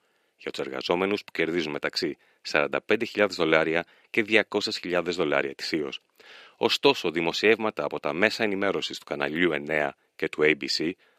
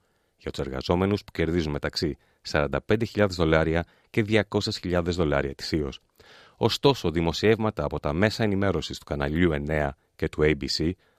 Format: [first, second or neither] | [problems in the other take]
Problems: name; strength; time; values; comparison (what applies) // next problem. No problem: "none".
second | thin; very slightly; fading below 300 Hz